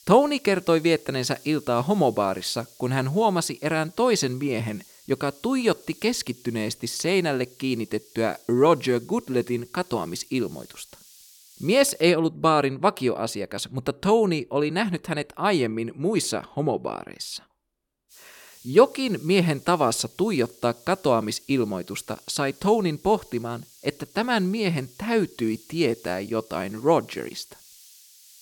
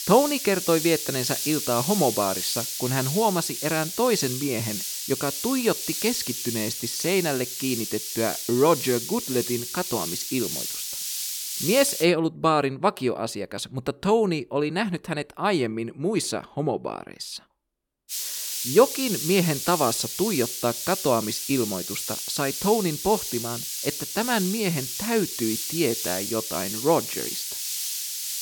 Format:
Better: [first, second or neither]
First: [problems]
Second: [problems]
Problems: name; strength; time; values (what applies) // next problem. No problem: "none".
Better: first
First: hiss; faint; until 12 s and from 18 s on; 25 dB below the speech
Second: hiss; loud; until 12 s and from 18 s on; 3 dB below the speech